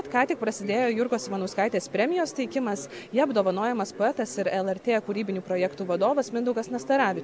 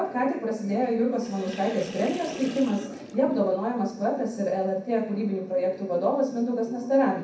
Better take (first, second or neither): first